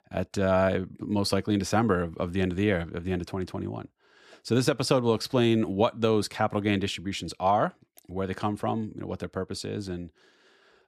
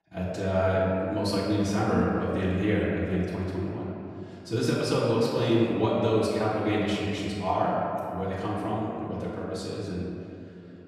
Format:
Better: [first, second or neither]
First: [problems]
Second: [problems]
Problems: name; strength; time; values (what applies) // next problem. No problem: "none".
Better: first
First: none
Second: off-mic speech; far // room echo; strong; dies away in 2.5 s